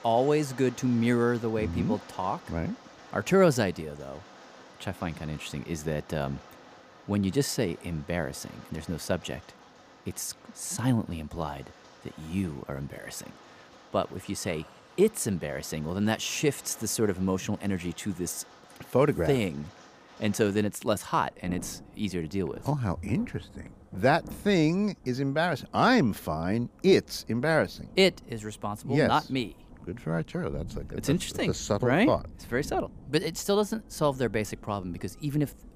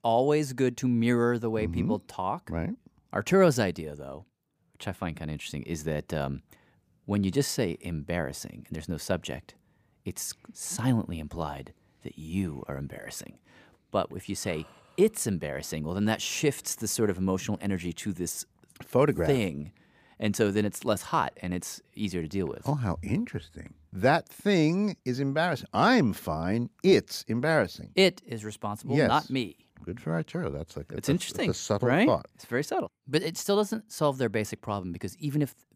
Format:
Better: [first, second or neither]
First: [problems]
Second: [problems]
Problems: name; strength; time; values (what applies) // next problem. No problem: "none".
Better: second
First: rain or running water; faint; throughout; 20 dB below the speech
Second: none